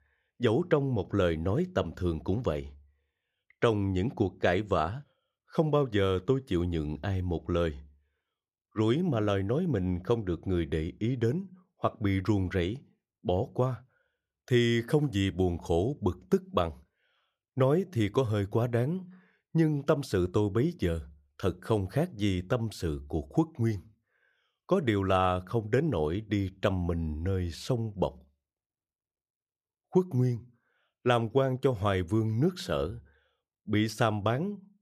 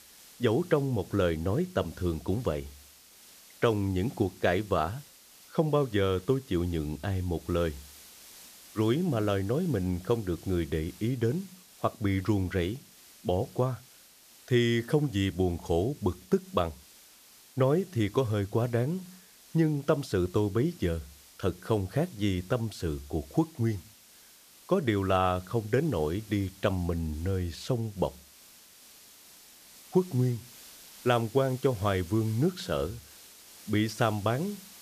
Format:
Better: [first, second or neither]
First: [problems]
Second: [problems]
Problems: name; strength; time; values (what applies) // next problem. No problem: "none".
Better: first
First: none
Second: hiss; faint; throughout; 20 dB below the speech